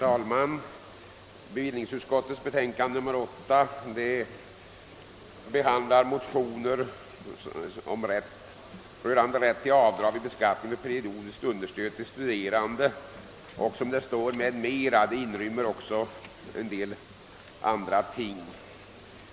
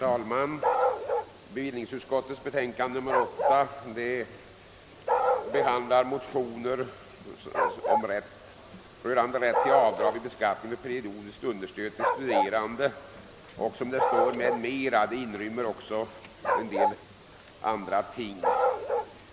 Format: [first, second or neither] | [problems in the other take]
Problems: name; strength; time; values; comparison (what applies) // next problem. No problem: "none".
first | background sound (Bark); 1 dB below the speech